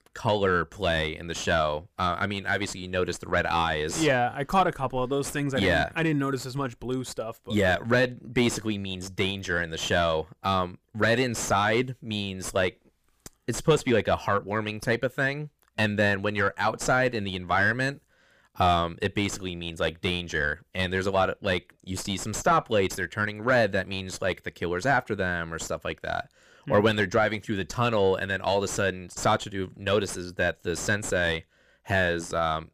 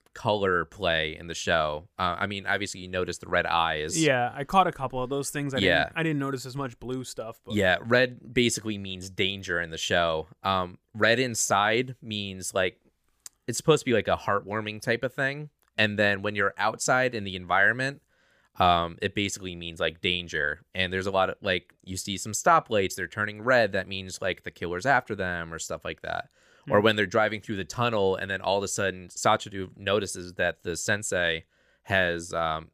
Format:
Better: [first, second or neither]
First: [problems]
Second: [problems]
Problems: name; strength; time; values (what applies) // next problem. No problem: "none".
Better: second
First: distortion; slight; 9 dB below the speech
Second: none